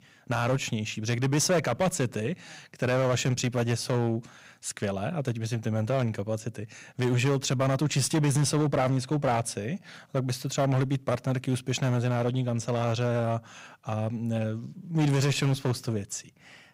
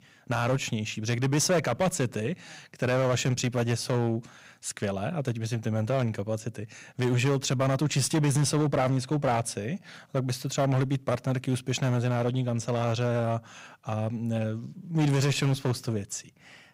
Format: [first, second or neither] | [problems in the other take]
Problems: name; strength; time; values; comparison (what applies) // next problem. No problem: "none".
neither | distortion; slight; 9% of the sound clipped; the same in both